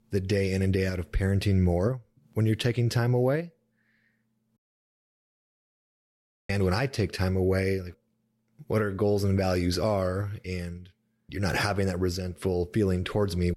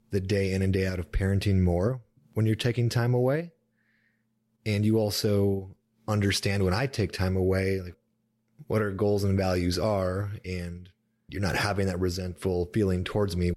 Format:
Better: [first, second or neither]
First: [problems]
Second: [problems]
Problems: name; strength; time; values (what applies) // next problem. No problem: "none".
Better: second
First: audio cutting out; at 4.5 s for 2 s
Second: none